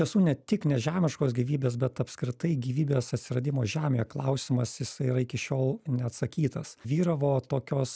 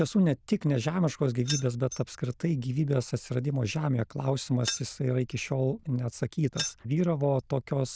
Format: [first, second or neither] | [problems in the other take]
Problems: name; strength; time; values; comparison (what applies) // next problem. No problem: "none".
first | noise reduction (neural diffusion model UNIVERSE++)